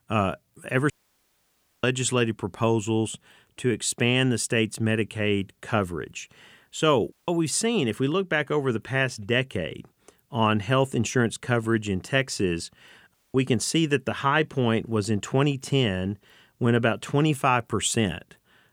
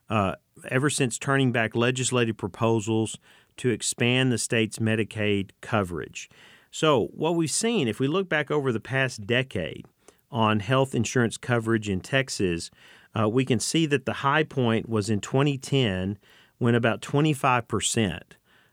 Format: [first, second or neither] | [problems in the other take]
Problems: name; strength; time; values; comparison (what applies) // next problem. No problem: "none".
second | audio cutting out; at 1 s for 1 s, at 7 s and at 13 s